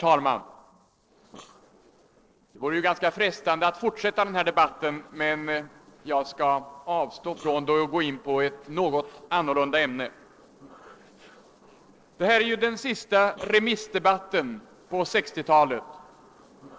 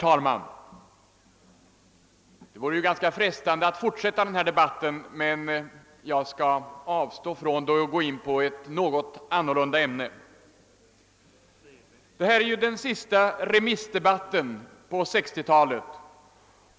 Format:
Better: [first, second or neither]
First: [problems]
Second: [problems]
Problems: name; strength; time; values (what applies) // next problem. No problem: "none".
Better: second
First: noise reduction (neural separator model SepFormer DNS4)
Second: none